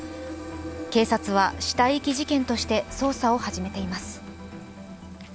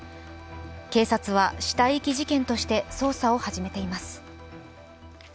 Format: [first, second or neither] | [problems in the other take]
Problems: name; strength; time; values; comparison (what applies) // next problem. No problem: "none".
second | background sound (Fill (with liquid)); 14 dB below the speech